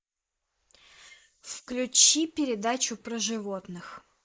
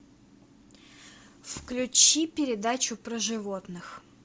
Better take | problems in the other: second | noise reduction (neural mask model Resemble Enhance denoiser)

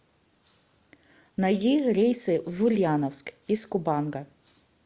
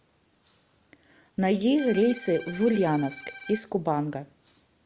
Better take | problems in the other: first | background sound (Bowed string instrument); 17 dB below the speech

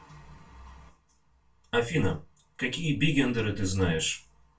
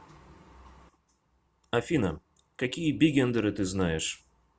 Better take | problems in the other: second | room echo; dies away in 0.2 s

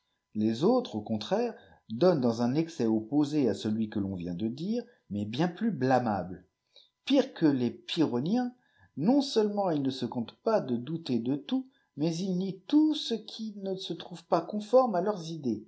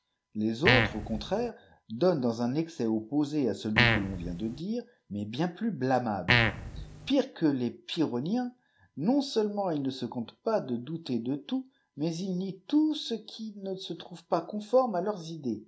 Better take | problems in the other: first | background sound (Fart); 3 dB above the speech

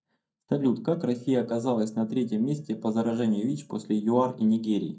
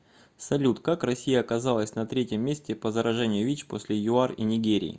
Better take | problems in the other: second | noise reduction (neural mask model DeepFilterNet 3)

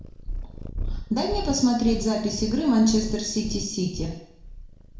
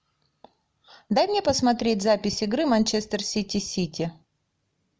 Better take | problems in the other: second | background sound (Purr); 8 dB below the speech // room echo; dies away in 0.6 s

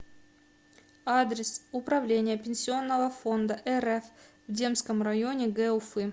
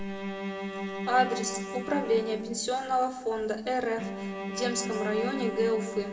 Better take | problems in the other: first | background sound (Bowed string instrument); 6 dB below the speech // room echo; dies away in 1.1 s

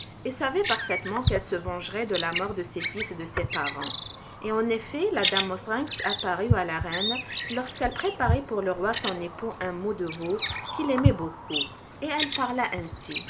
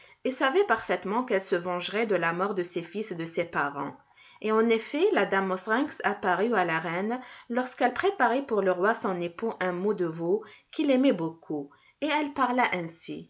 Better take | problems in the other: second | background sound (Bird vocalization, bird call, bird song); 2 dB below the speech

